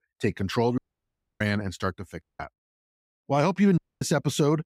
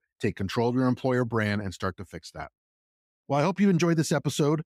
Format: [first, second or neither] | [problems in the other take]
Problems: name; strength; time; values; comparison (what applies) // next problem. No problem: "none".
second | audio cutting out; at 1 s for 0.5 s, at 2 s and at 4 s